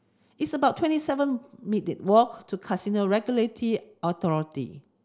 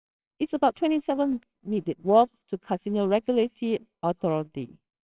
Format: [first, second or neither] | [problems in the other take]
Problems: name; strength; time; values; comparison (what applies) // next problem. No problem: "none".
first | noise reduction (neural separator model SepFormer WHAMR!)